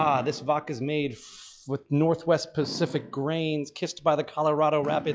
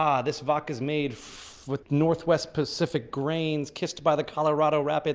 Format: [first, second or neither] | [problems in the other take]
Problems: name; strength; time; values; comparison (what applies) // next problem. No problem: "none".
second | noise reduction (classical method log-MMSE)